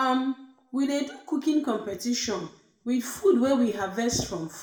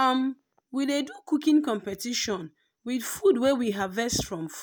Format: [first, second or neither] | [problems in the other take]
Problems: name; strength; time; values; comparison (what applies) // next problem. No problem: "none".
second | room echo; dies away in 0.5 s